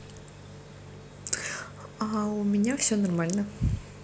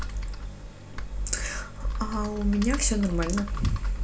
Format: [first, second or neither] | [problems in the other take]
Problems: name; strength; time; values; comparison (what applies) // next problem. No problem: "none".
first | background sound (Computer keyboard); 1 dB below the speech // room echo; dies away in 0.2 s